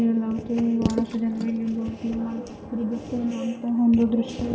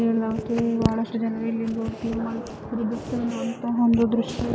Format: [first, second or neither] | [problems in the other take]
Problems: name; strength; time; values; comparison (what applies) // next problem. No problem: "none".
second | background sound (Water / Splash, splatter); 17 dB below the speech // room echo; dies away in 1.9 s